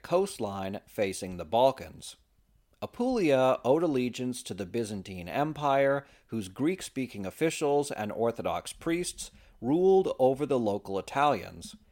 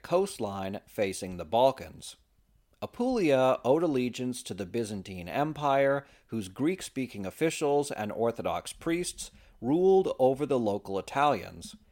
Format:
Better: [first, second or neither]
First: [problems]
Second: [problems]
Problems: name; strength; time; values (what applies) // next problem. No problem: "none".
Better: neither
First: none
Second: none